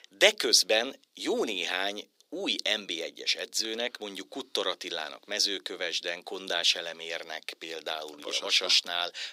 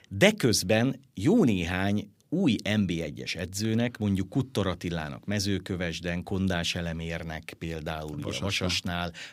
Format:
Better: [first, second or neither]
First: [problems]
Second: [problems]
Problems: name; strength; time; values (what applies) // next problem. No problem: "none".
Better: second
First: thin; very; fading below 400 Hz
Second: none